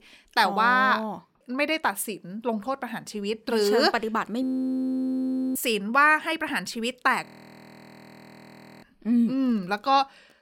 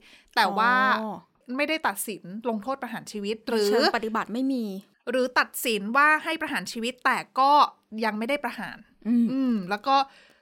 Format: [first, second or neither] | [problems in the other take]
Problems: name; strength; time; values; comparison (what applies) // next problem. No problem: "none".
second | audio freezing; at 4.5 s for 1 s and at 7.5 s for 1.5 s